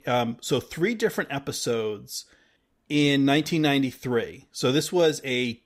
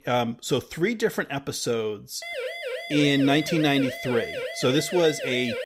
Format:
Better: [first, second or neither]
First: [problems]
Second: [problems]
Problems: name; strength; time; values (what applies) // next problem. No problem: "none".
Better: first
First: none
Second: siren; noticeable; from 2 s on; peak 6 dB below the speech